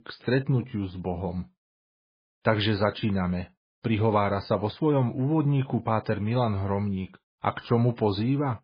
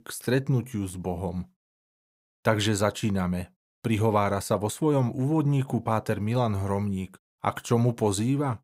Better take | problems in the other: second | garbled, watery; badly; nothing above 4 kHz

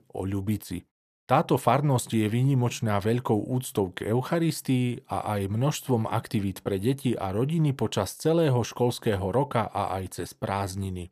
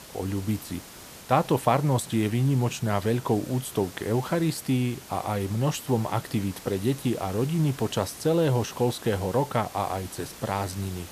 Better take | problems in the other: first | hiss; noticeable; throughout; 15 dB below the speech

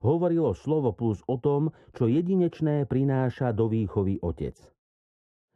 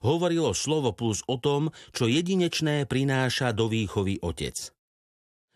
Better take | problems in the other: second | muffled; very; fading above 2 kHz

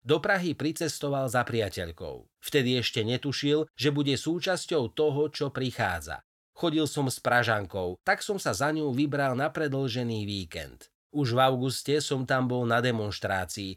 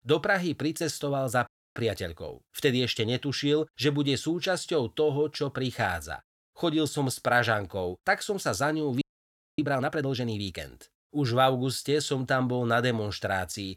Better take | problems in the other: first | audio freezing; at 1.5 s and at 9 s for 0.5 s

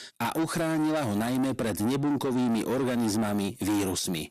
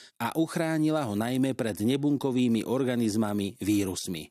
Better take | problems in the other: second | distortion; heavy; 7 dB below the speech

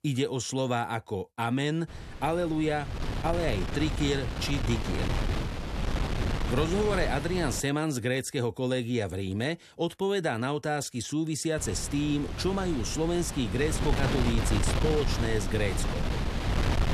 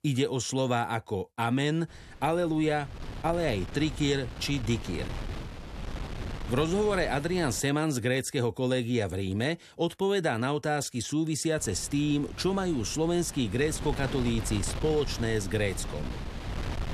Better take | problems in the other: second | wind noise on the microphone; heavy; from 2 to 7.5 s and from 12 s on; 5 dB below the speech; occasional gusts in the second

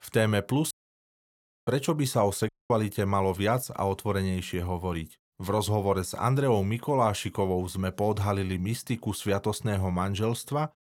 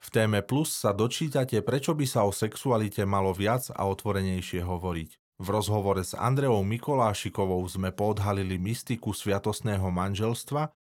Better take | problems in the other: second | audio cutting out; at 0.5 s for 1 s and at 2.5 s

